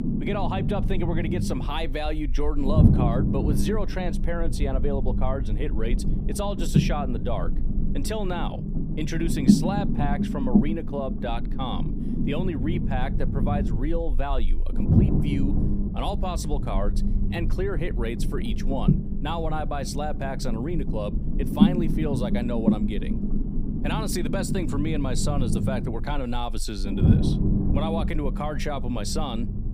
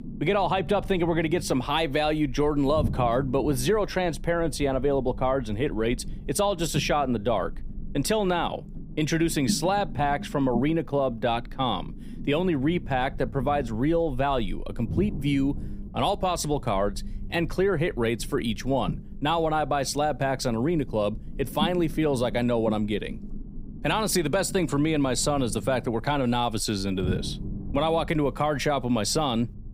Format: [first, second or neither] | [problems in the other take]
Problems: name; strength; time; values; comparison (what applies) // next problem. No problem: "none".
second | low rumble; loud; throughout; 3 dB below the speech; faint in the second